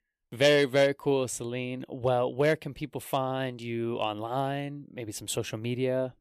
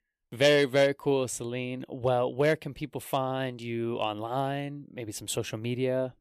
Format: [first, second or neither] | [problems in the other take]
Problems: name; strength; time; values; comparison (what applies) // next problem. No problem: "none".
neither | none